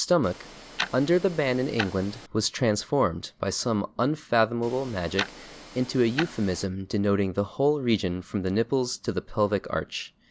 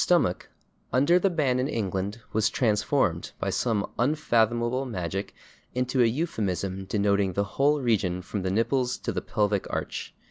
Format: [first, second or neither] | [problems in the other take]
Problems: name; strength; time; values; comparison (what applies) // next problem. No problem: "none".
second | background sound (Tick-tock); 11 dB below the speech